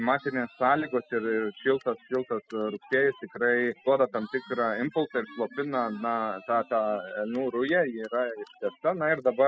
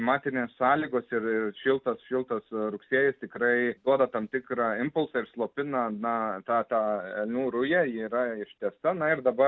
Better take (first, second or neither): second